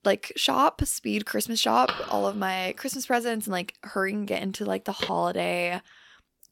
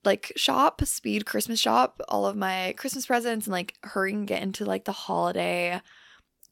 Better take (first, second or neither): second